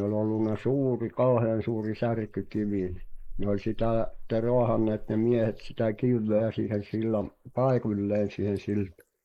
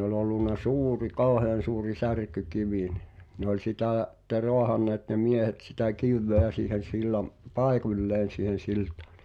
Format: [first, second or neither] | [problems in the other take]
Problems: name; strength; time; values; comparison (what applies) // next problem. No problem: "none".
second | noise reduction (neural mask model Resemble Enhance denoiser)